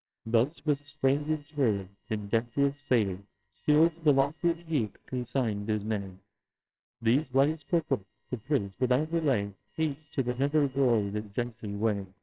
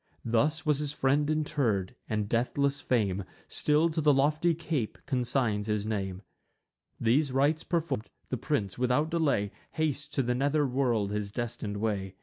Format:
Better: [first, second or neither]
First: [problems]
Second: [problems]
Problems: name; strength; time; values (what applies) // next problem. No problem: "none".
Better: second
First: noise reduction (neural separator model SepFormer WHAMR!)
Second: none